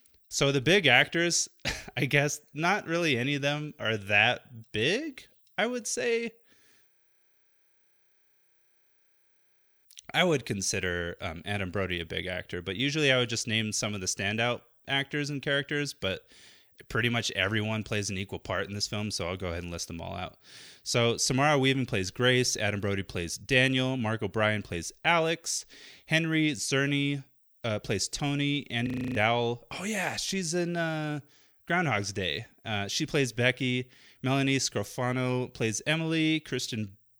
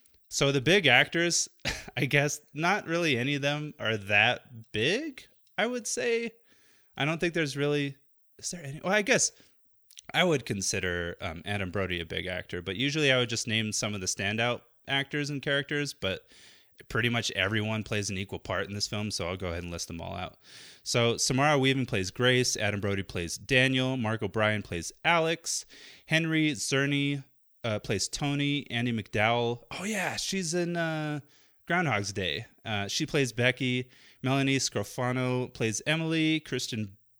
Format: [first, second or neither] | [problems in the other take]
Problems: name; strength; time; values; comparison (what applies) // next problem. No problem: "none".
second | audio freezing; at 7 s for 3 s and at 29 s